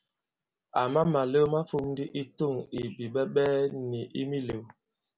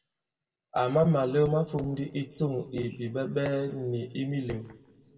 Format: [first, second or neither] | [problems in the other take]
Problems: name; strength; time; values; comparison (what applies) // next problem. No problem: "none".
first | room echo; dies away in 1.3 s